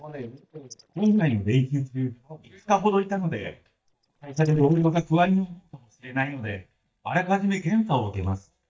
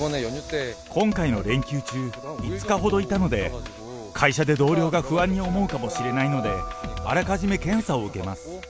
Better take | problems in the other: second | noise reduction (neural mask model DeepFilterNet 3)

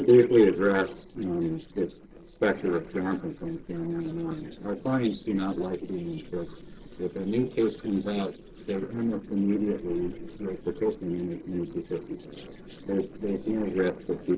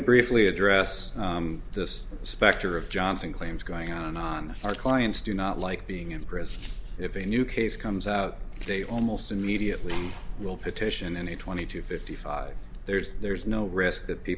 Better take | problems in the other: second | noise reduction (neural separator model SepFormer DNS4)

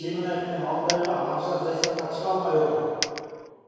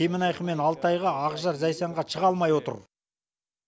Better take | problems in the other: second | background sound (Coin (dropping)); 8 dB below the speech // room echo; dies away in 2.2 s

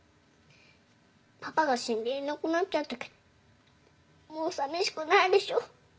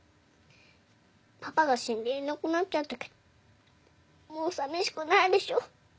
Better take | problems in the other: second | room echo; dies away in 0.2 s

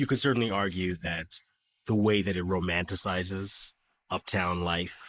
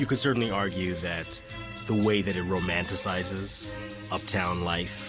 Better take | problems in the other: second | noise reduction (neural mask model Resemble Enhance denoiser)

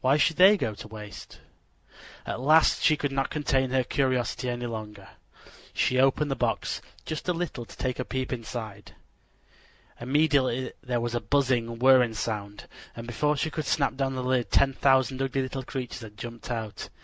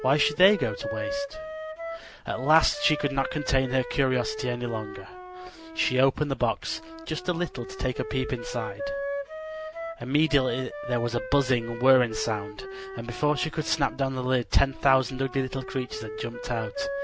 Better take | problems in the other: first | background sound (Wind instrument, woodwind instrument); 10 dB below the speech

